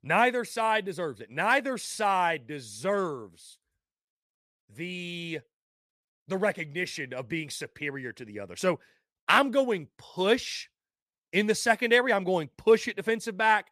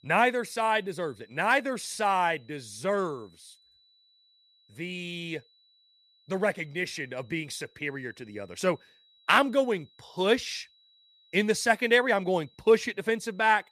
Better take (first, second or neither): first